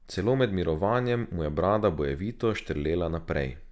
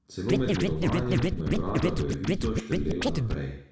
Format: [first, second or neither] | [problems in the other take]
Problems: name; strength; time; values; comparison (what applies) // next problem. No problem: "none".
first | background sound (Scratching (performance technique)); 3 dB above the speech // room echo; dies away in 0.6 s